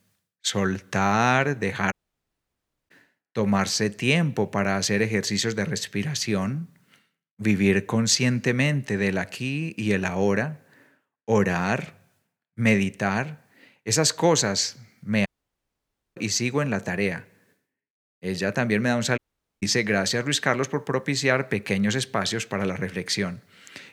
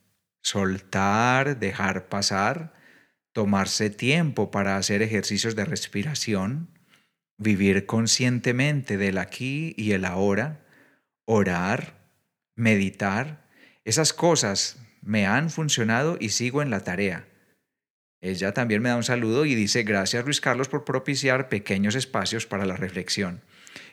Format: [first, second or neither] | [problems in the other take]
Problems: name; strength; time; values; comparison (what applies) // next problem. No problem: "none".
second | audio cutting out; at 2 s for 1 s, at 15 s for 1 s and at 19 s